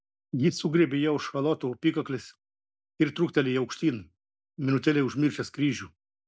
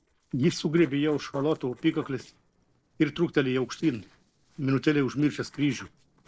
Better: first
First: none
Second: noise reduction (neural separator model SepFormer DNS4)

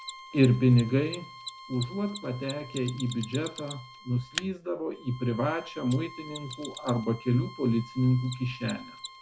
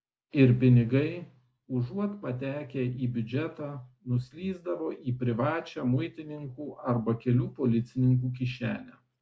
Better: second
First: background sound (Mechanisms + Bowed string instrument); 15 dB below the speech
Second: none

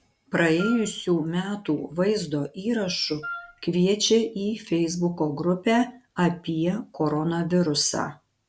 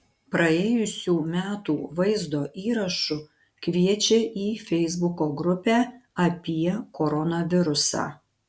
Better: second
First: background sound (Wind instrument, woodwind instrument); 13 dB below the speech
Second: none

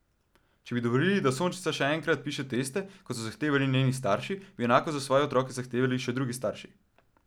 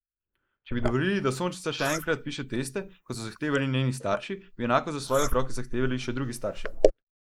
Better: first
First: none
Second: noise reduction (neural mask model Resemble Enhance denoiser)

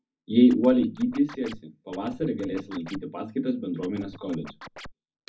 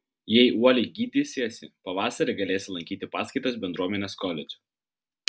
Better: second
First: background sound (Scratching (performance technique)); 18 dB below the speech // room echo; dies away in 0.4 s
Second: none

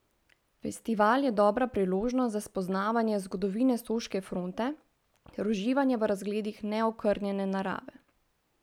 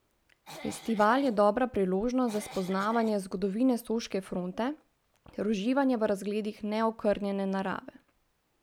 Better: first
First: none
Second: background sound (Cough); 17 dB below the speech

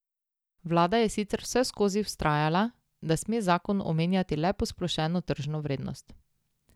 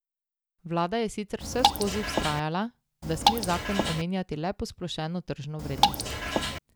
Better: first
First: none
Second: background sound (Drip / Water); 4 dB above the speech

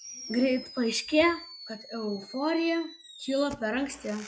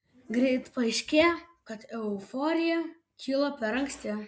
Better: second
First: noise reduction (classical method log-MMSE)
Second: none

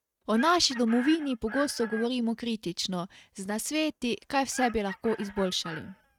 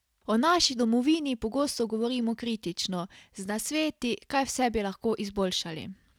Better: second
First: noise reduction (neural mask model RNNoise)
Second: none

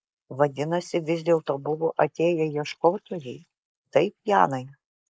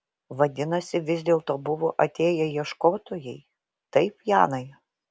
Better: second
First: noise reduction (neural mask model Resemble Enhance denoiser)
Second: none

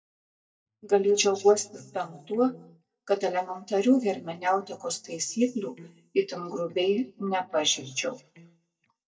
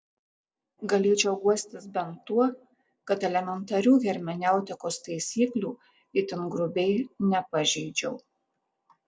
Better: second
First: noise reduction (neural mask model DeepFilterNet 3)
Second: none

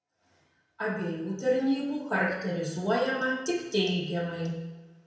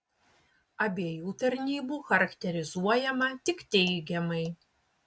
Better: second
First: room echo; dies away in 0.9 s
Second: none

